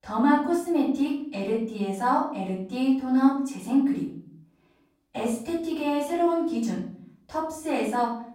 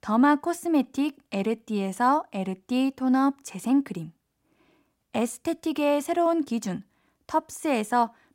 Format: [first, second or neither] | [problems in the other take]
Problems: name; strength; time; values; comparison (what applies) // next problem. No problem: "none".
second | off-mic speech; far // room echo; noticeable; dies away in 0.5 s